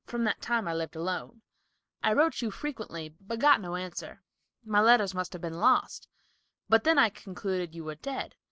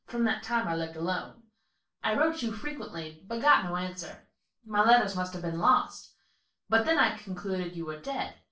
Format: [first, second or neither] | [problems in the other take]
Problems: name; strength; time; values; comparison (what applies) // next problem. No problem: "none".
first | room echo; dies away in 0.3 s